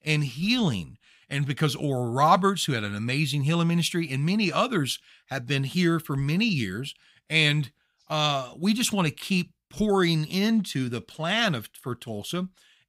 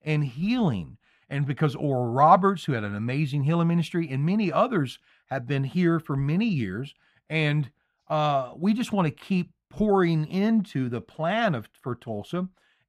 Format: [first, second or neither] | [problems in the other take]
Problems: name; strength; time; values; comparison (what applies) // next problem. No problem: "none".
first | muffled; very; fading above 2.5 kHz